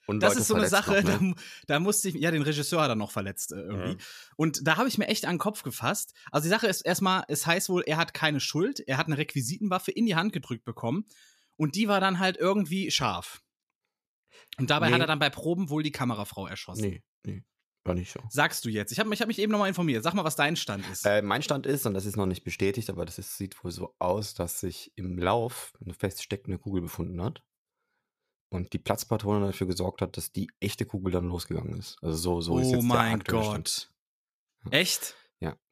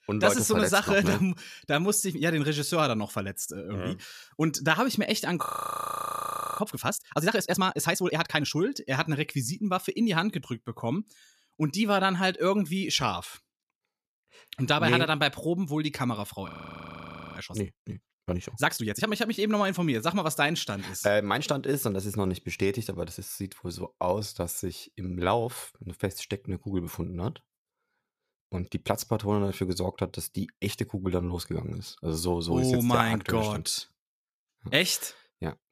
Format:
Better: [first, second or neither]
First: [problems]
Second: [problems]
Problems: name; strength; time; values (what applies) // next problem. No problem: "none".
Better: first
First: none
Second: audio freezing; at 5.5 s for 1 s and at 16 s for 1 s